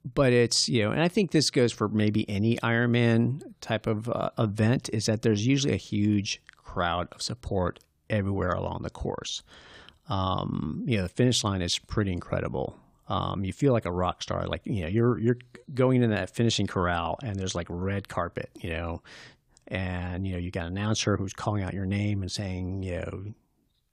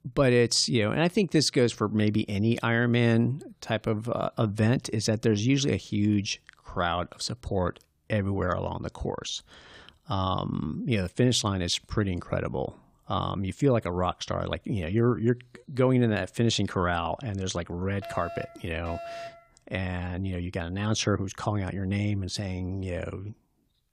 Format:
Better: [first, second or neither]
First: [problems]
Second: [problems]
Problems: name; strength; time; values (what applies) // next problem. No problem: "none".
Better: first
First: none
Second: alarm; faint; from 18 to 19 s; peak 10 dB below the speech